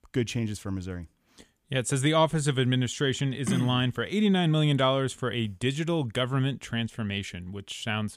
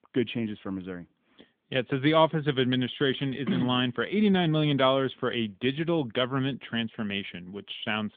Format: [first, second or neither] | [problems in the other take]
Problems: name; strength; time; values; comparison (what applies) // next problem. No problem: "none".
first | phone-call audio; nothing above 3.5 kHz